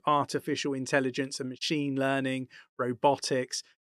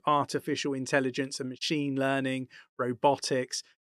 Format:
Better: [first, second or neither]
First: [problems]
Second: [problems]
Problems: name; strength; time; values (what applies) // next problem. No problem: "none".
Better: neither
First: none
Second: none